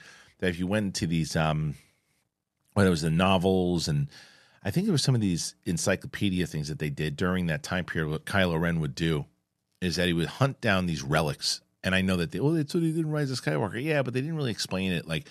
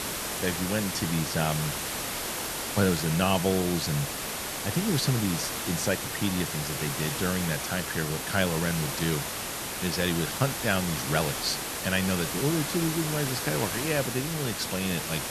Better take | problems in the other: first | hiss; loud; throughout; 2 dB below the speech

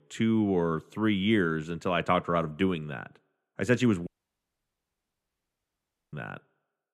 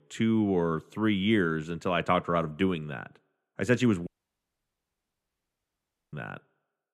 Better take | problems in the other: neither | audio cutting out; at 4 s for 2 s; the same in both

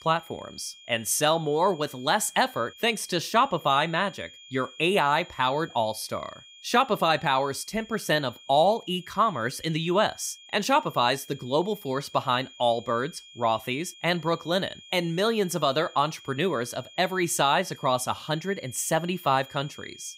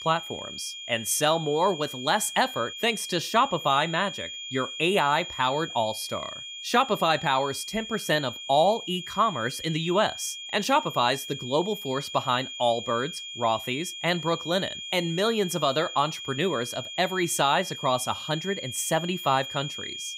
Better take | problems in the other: first | high-pitched whine; loud; throughout; 3.5 kHz, 9 dB below the speech; faint in the first

